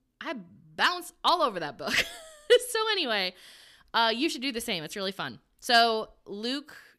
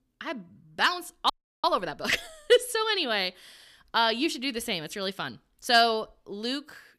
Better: first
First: none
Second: audio freezing; at 1.5 s

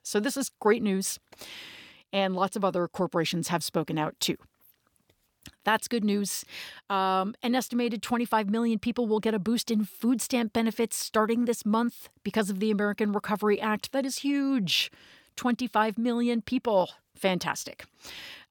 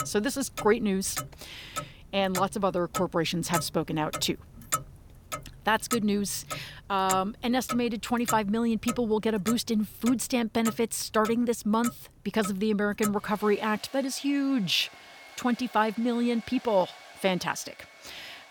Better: first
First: none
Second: household noises; noticeable; throughout; 10 dB below the speech

